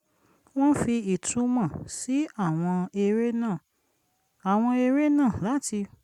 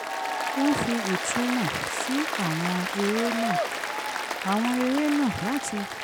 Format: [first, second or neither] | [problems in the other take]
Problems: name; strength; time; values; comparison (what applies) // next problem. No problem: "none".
first | background sound (Applause); 2 dB below the speech